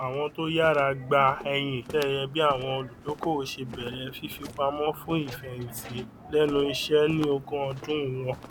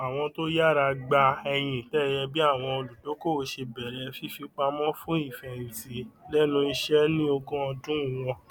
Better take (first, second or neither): second